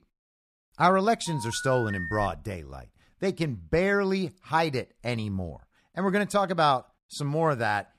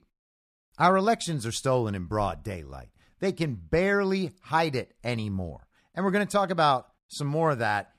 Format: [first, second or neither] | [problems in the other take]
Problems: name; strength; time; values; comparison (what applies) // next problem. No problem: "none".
second | phone ringing; noticeable; from 1.5 to 2.5 s; peak 7 dB below the speech